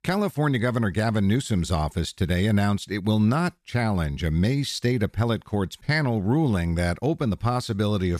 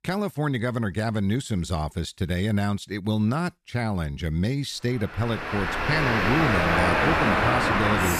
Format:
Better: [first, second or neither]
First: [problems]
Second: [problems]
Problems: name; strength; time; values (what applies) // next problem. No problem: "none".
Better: first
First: none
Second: traffic noise; very loud; from 5.5 s on; 4 dB above the speech